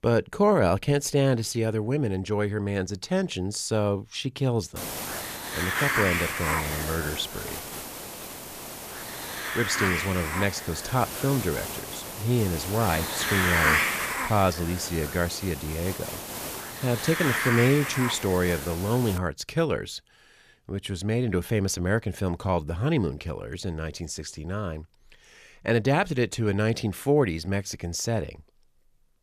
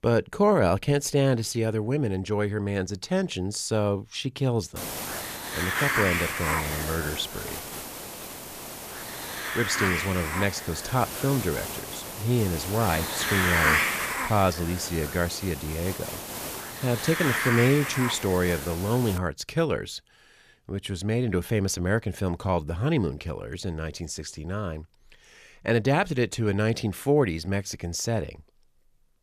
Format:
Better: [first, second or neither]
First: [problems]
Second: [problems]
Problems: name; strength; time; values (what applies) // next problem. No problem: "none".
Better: neither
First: hiss; loud; from 5 to 19 s; 2 dB below the speech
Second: hiss; loud; from 5 to 19 s; 2 dB below the speech